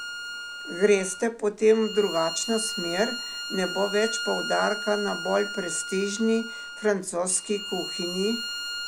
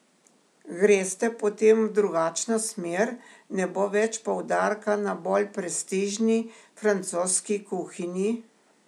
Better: second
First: background sound (Bowed string instrument); 8 dB below the speech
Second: none

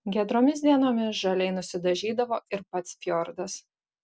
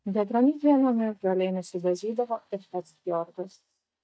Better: first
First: none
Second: noise reduction (neural mask model DeepFilterNet 3)

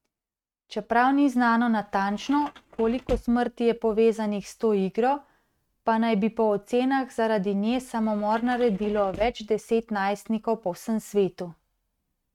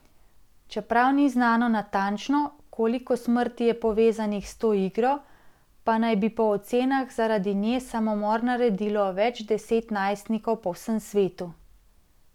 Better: second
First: noise reduction (neural mask model RNNoise)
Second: none

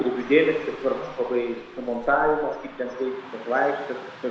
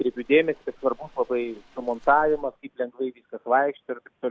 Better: second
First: background sound (Car passing by / Traffic noise, roadway noise); 18 dB below the speech // room echo; dies away in 1 s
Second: none

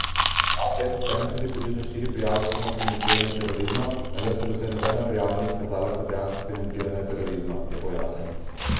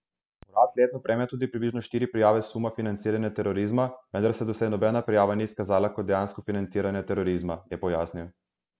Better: second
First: background sound (Chewing, mastication); as loud as the speech // room echo; dies away in 1 s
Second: none

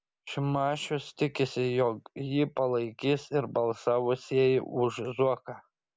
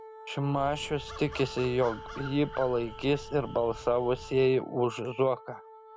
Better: first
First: none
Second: background sound (Crow + Wind instrument, woodwind instrument); 14 dB below the speech

